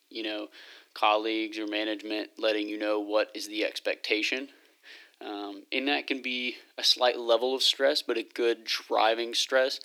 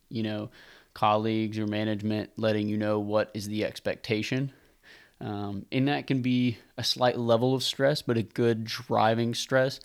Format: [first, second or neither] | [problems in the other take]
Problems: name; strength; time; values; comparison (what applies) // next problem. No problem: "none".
second | thin; somewhat; fading below 300 Hz